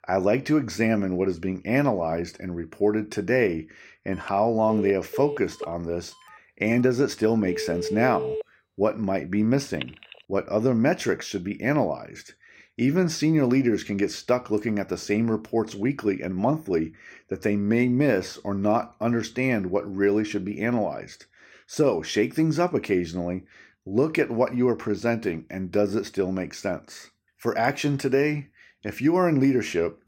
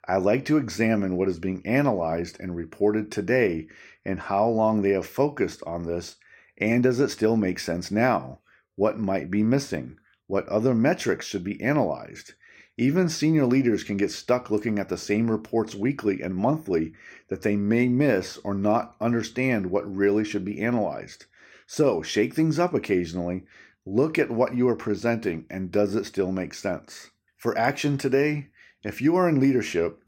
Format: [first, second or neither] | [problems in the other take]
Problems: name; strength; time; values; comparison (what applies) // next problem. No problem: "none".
second | phone ringing; noticeable; from 4.5 to 10 s; peak 4 dB below the speech